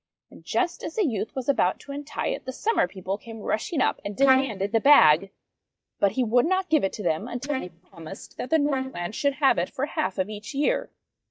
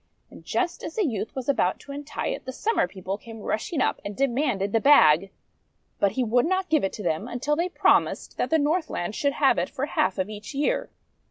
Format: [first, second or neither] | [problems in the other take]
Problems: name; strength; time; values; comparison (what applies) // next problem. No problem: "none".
second | noise reduction (neural mask model DeepFilterNet 3)